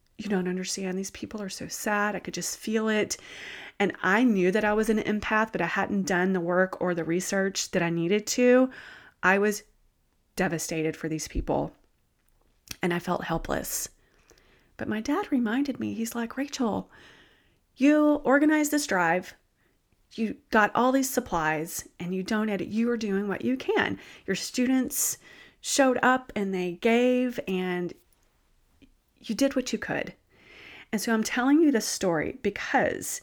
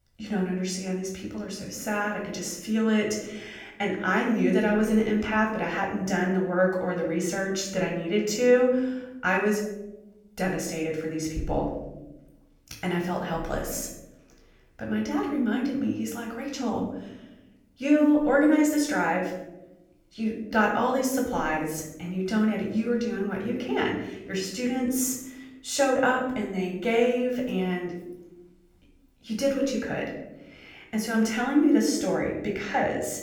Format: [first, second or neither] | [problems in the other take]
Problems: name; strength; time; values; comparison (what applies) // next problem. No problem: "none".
first | off-mic speech; far // room echo; noticeable; dies away in 0.8 s